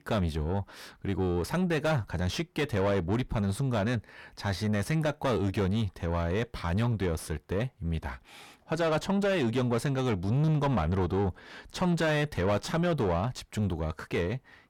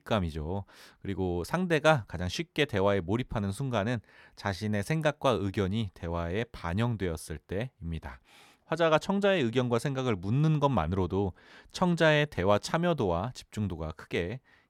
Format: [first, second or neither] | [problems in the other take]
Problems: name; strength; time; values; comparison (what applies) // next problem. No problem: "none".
second | distortion; heavy; 7 dB below the speech